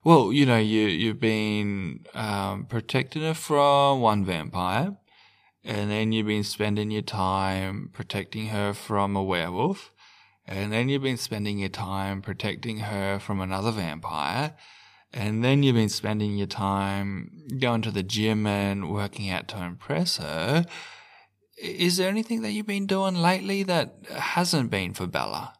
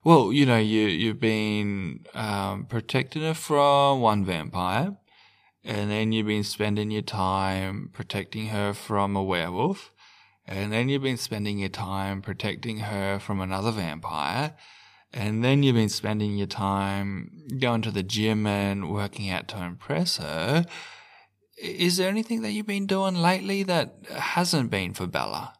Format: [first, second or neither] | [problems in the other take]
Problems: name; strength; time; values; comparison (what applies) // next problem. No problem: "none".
neither | none